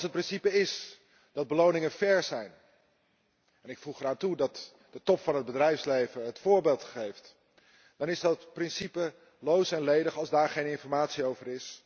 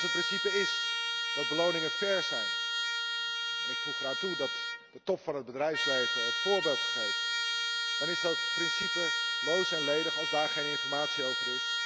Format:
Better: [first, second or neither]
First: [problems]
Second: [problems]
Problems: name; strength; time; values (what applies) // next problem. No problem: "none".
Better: first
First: none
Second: background sound (Trumpet); 3 dB above the speech